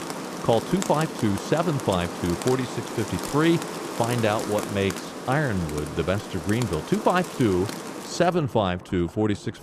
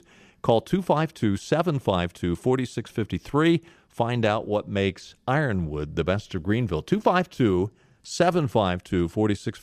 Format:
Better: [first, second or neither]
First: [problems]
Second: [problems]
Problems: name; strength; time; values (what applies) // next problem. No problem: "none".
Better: second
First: rain or running water; loud; throughout; 8 dB below the speech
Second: none